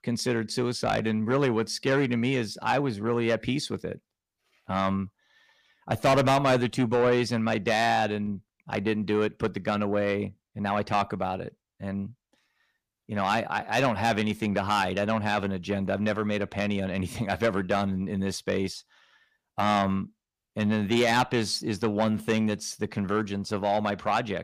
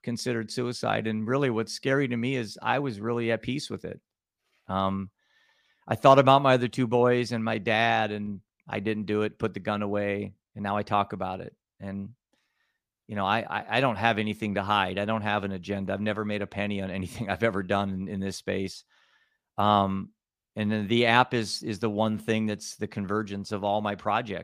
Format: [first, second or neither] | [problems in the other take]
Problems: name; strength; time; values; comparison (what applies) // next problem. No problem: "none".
second | distortion; heavy; 7 dB below the speech